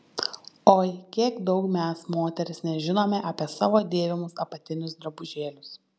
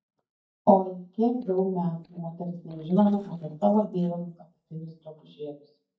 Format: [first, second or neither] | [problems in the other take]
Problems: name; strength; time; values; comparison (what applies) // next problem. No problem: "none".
first | noise reduction (neural mask model DeepFilterNet 3)